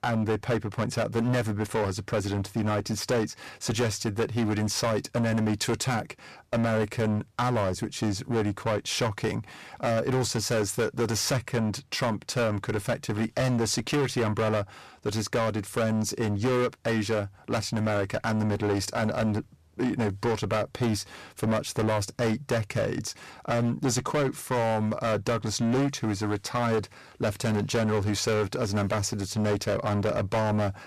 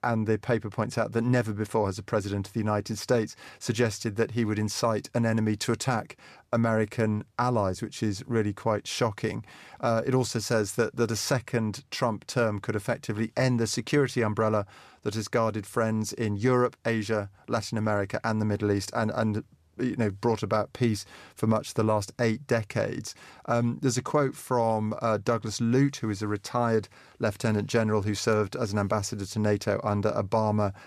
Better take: second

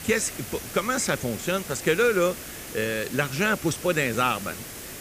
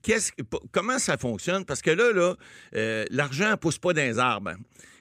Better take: second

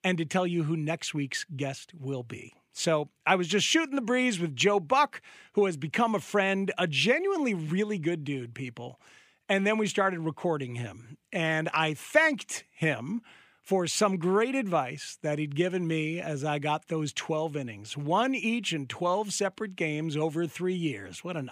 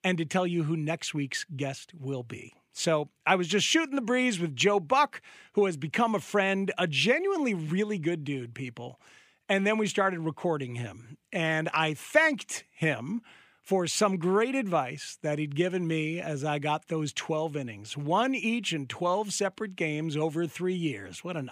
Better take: neither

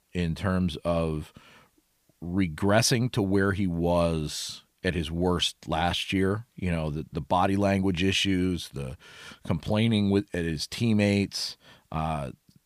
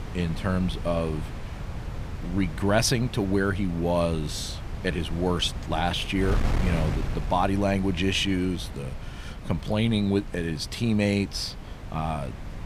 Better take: first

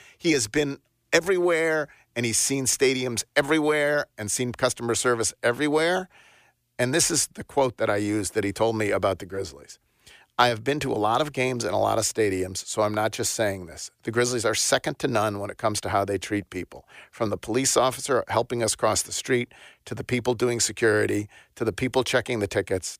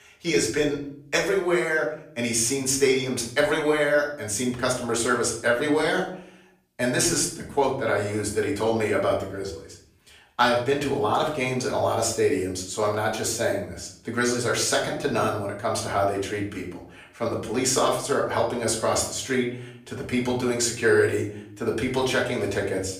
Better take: first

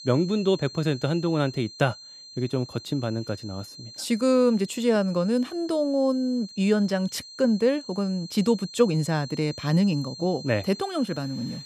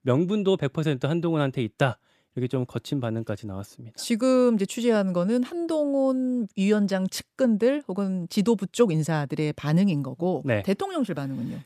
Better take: second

